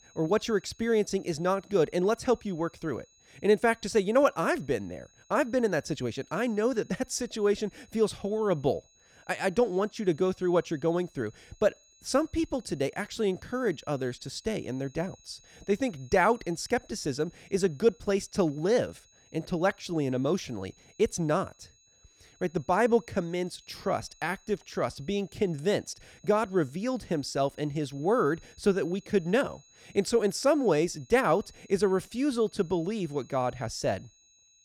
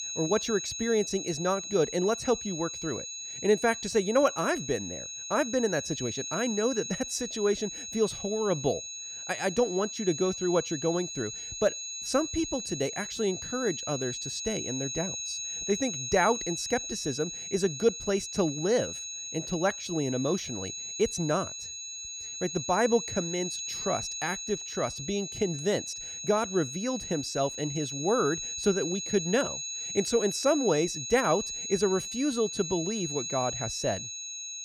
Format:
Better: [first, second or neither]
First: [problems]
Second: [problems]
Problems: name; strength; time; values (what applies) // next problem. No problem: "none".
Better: first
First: high-pitched whine; faint; throughout; 6.5 kHz, 30 dB below the speech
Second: high-pitched whine; loud; throughout; 6.5 kHz, 5 dB below the speech